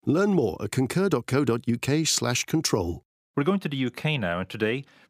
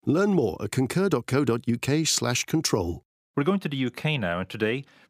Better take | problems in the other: neither | none

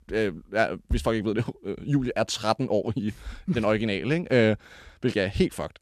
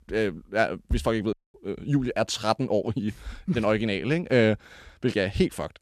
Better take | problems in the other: first | audio cutting out; at 1.5 s

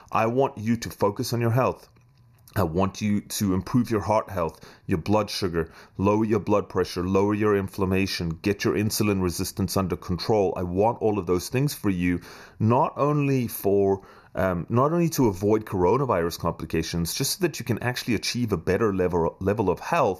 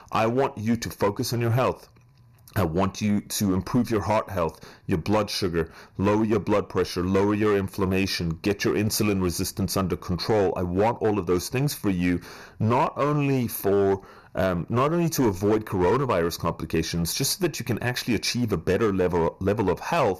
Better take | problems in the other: first | distortion; slight; 8% of the sound clipped

